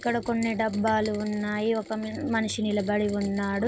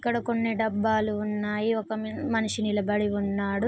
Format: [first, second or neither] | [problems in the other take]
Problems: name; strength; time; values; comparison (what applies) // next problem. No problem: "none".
second | background sound (Rain); 19 dB below the speech